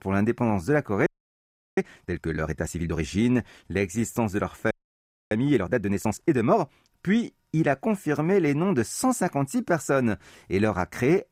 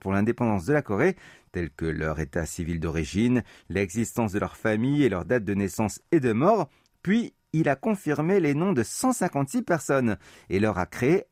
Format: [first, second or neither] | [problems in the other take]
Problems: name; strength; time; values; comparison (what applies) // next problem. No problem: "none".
second | audio freezing; at 1 s for 0.5 s and at 4.5 s for 0.5 s